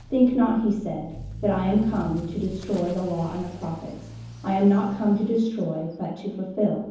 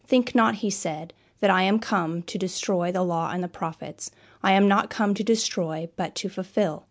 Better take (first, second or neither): second